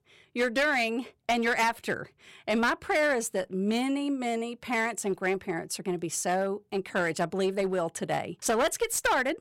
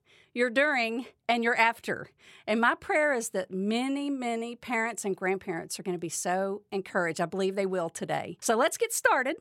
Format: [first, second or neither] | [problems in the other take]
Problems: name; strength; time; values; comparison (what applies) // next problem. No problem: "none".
second | distortion; slight; 7% of the sound clipped